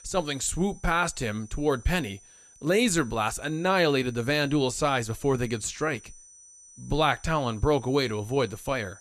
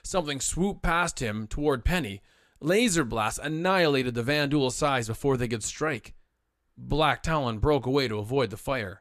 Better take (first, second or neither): second